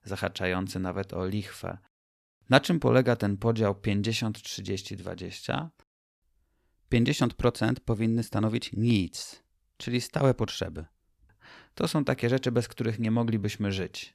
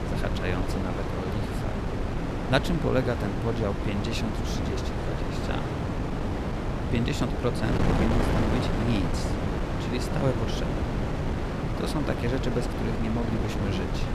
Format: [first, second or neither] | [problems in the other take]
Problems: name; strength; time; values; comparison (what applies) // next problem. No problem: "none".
first | wind noise on the microphone; heavy; as loud as the speech